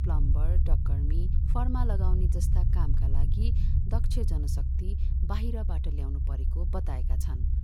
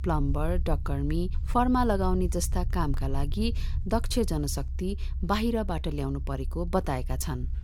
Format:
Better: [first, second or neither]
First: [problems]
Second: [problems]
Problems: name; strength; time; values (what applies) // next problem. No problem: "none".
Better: second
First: low rumble; loud; throughout; 4 dB below the speech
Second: low rumble; faint; throughout; 20 dB below the speech